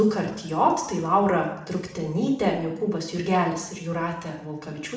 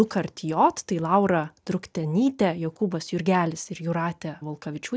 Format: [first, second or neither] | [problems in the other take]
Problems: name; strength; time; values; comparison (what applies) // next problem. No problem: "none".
second | room echo; dies away in 0.7 s